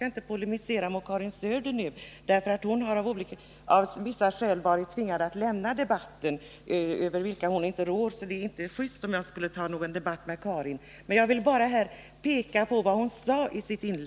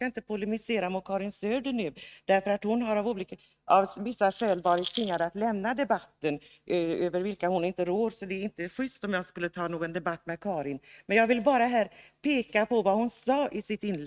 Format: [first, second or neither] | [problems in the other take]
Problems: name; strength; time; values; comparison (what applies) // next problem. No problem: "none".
first | noise reduction (neural mask model RNNoise)